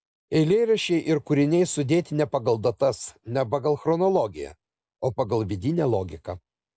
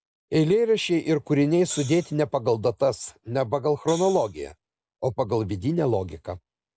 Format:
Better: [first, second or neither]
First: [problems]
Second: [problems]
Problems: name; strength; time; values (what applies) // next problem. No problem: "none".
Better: first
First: none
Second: background sound (Hi-hat); 17 dB below the speech